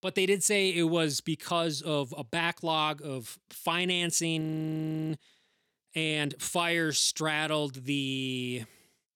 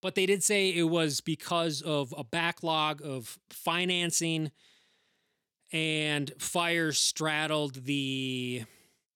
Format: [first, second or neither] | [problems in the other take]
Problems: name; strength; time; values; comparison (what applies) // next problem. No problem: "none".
second | audio freezing; at 4.5 s for 0.5 s